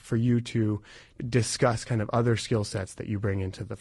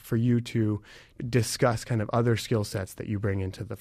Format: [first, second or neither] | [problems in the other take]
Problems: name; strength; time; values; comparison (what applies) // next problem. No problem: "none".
second | garbled, watery; slightly; nothing above 10.5 kHz